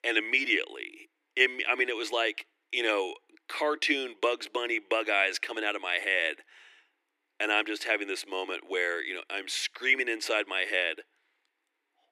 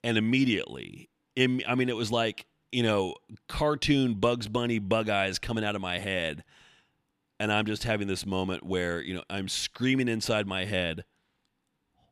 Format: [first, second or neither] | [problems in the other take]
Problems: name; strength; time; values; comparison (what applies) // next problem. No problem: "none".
second | thin; very; fading below 300 Hz